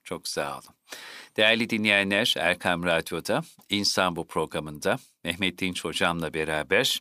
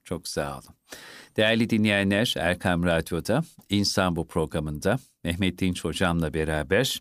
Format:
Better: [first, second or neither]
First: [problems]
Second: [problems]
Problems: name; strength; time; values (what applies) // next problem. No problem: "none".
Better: second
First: thin; very slightly; fading below 700 Hz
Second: none